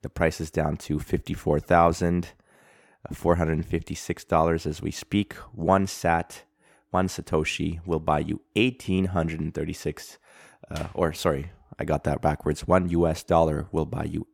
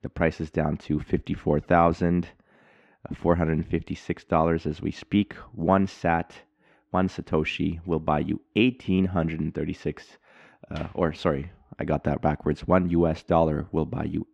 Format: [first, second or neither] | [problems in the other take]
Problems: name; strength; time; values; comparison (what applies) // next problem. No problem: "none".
first | muffled; slightly; fading above 3 kHz